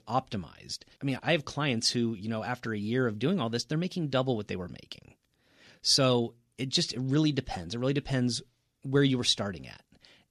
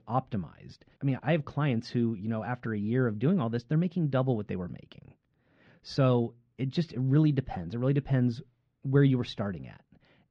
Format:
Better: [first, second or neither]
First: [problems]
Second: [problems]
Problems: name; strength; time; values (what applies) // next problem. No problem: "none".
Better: first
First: none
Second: muffled; very; fading above 2 kHz